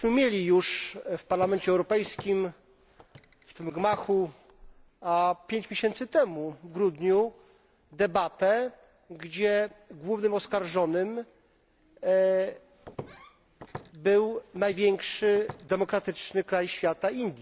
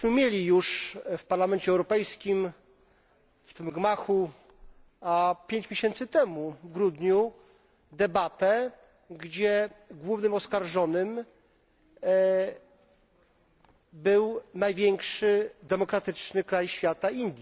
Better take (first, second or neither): second